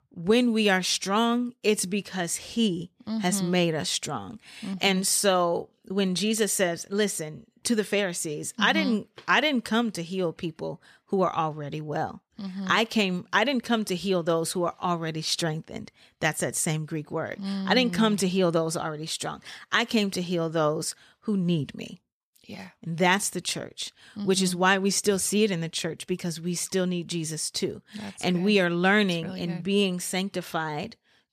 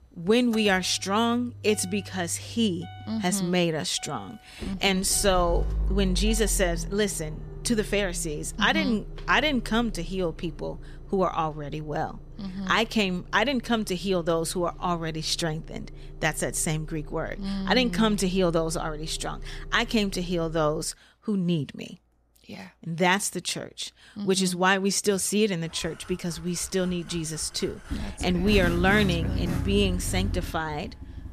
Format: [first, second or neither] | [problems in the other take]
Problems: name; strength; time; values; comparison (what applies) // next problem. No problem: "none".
first | traffic noise; noticeable; throughout; 10 dB below the speech